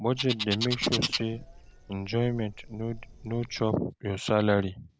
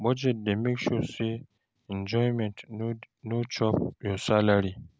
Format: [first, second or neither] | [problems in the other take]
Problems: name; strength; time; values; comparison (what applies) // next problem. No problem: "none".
second | background sound (Bird); 7 dB below the speech